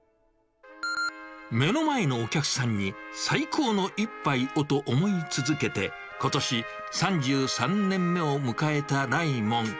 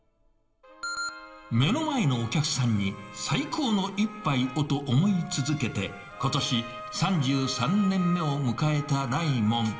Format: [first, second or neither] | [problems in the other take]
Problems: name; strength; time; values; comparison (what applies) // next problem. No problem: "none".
first | room echo; dies away in 2.9 s